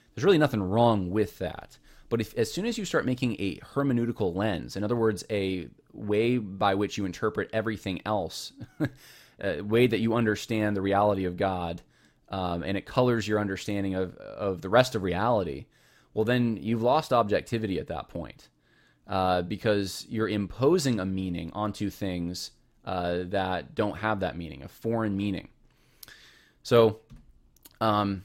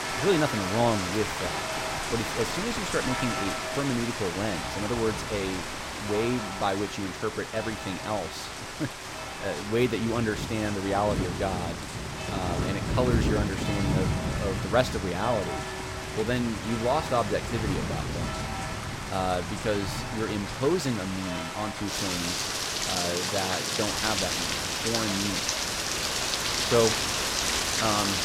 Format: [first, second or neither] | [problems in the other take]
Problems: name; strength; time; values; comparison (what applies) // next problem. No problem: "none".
first | rain or running water; very loud; throughout; as loud as the speech